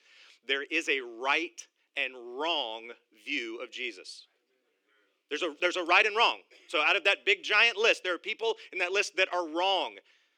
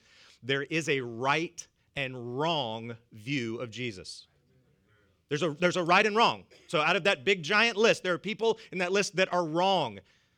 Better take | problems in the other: second | thin; somewhat; fading below 300 Hz

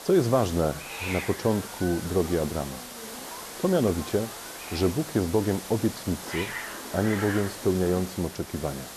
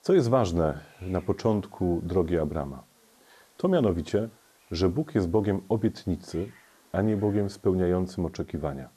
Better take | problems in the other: second | hiss; loud; throughout; 9 dB below the speech; faint in the second

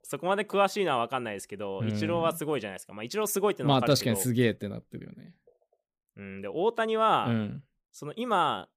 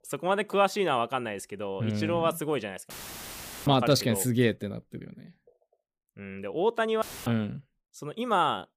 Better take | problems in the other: first | audio cutting out; filled with static; at 3 s for 1 s and at 7 s

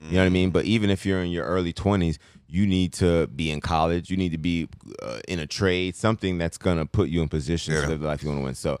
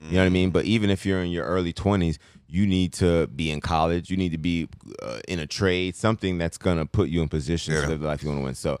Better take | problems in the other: neither | none

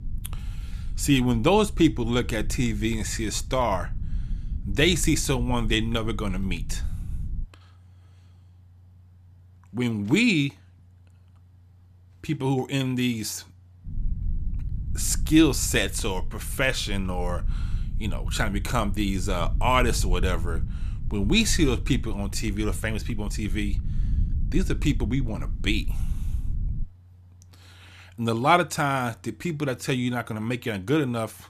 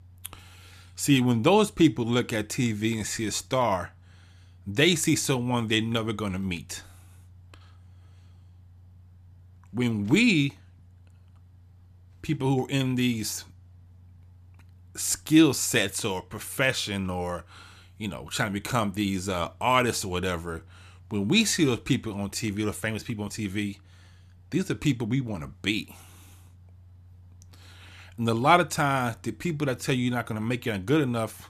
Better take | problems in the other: second | low rumble; faint; until 7.5 s and from 14 to 27 s; 20 dB below the speech

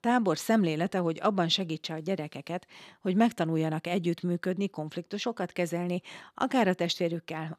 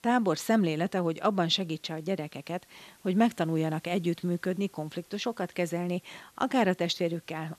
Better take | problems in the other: first | hiss; faint; throughout; 30 dB below the speech

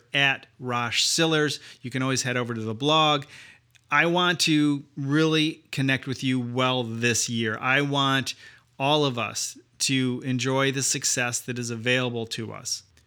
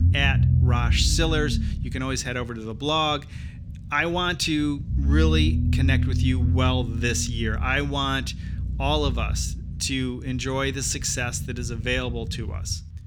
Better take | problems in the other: first | low rumble; noticeable; throughout; 15 dB below the speech

